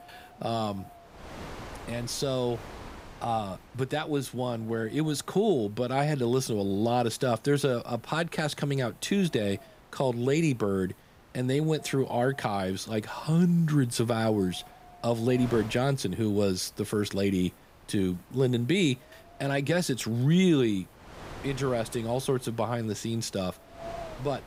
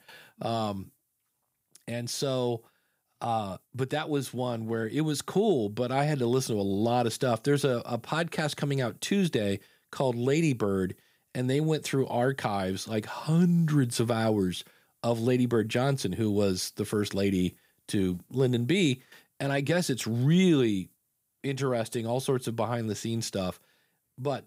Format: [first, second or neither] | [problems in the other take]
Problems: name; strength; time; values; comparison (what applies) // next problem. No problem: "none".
second | wind noise on the microphone; occasional gusts; 20 dB below the speech